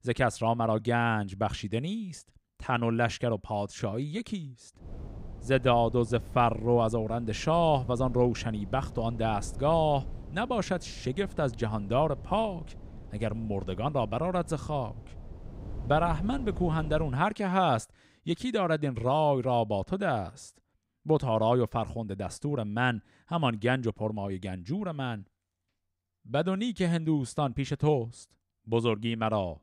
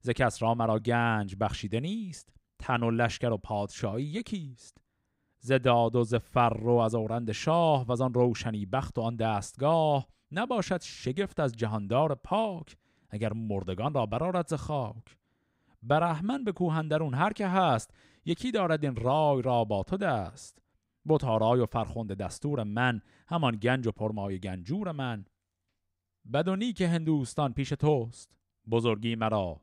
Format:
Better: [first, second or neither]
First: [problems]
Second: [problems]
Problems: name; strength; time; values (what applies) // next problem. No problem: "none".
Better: second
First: wind noise on the microphone; occasional gusts; from 5 to 17 s; 25 dB below the speech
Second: none